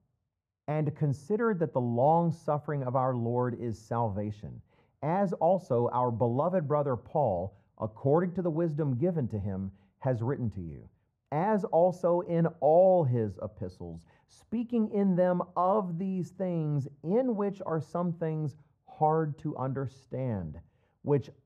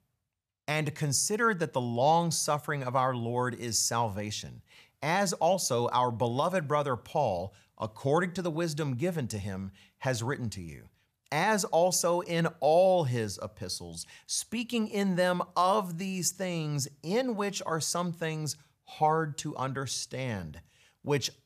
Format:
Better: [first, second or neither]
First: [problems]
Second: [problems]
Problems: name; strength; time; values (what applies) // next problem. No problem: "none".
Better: second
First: muffled; very; fading above 2 kHz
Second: none